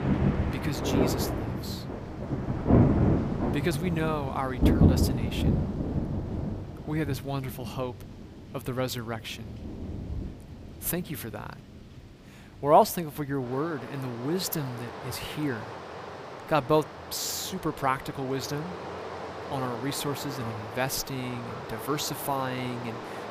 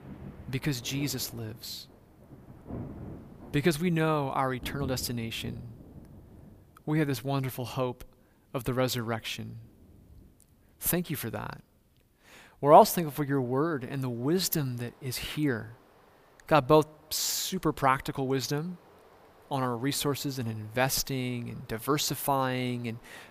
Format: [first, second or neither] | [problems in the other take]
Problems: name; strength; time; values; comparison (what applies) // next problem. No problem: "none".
second | rain or running water; loud; throughout; as loud as the speech; faint in the second